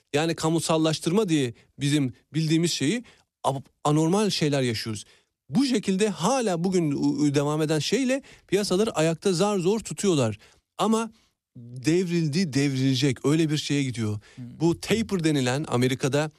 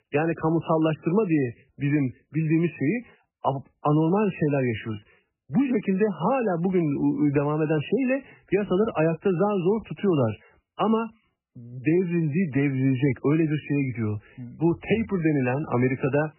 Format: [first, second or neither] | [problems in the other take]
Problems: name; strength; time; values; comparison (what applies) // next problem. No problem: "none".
first | garbled, watery; badly; nothing above 3 kHz